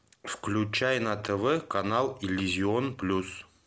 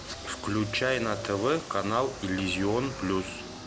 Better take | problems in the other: first | background sound (Car); 11 dB below the speech

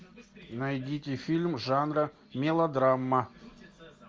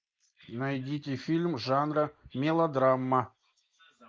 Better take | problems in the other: first | noise reduction (neural mask model Resemble Enhance denoiser)

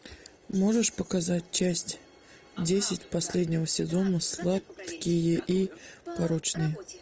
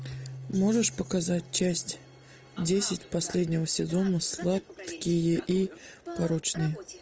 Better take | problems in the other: first | background sound (Keyboard (musical)); 19 dB below the speech

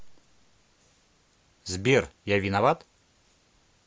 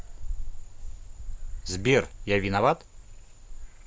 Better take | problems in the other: first | background sound (Frog); 5 dB below the speech

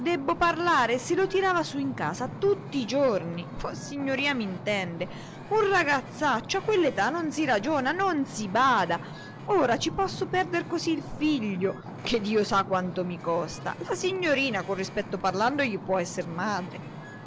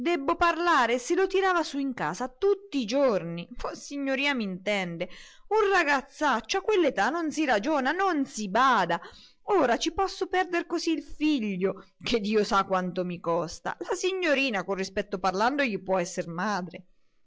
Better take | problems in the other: second | background sound (Wind / Ocean); 13 dB below the speech

